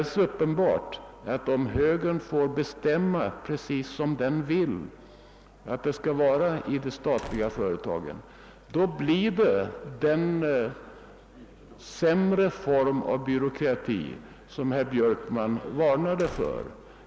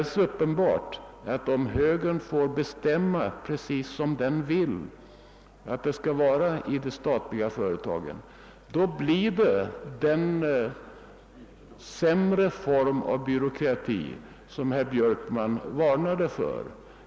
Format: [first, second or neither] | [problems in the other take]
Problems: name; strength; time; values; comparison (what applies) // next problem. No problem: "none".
second | background sound (Squeak / Slam / Wood); 19 dB below the speech